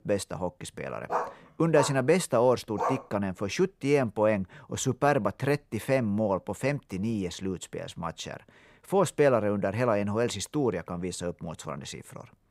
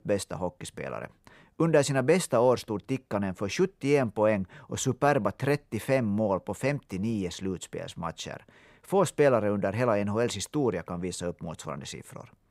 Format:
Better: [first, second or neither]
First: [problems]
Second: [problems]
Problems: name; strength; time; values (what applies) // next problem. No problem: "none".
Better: second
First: dog barking; noticeable; from 1 to 3 s; peak 3 dB below the speech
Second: none